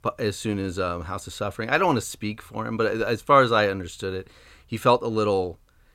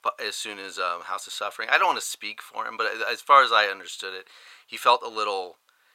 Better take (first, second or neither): first